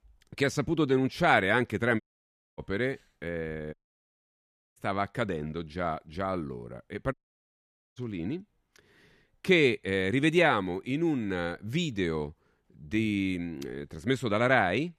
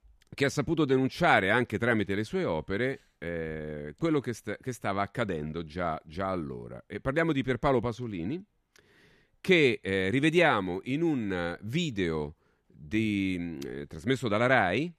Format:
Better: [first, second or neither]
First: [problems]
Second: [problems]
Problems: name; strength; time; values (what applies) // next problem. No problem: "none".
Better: second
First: audio cutting out; at 2 s for 0.5 s, at 3.5 s for 1 s and at 7 s for 1 s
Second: none